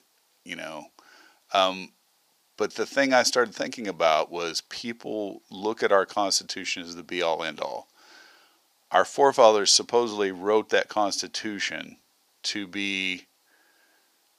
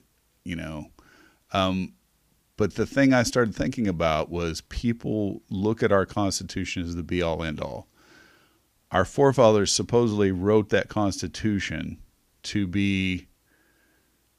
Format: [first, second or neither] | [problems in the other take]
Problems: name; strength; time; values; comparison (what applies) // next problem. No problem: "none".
second | thin; somewhat; fading below 450 Hz